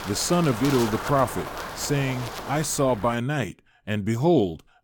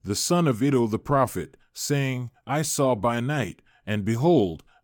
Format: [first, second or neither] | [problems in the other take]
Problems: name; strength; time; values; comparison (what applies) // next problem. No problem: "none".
second | wind noise on the microphone; heavy; until 3 s; 7 dB below the speech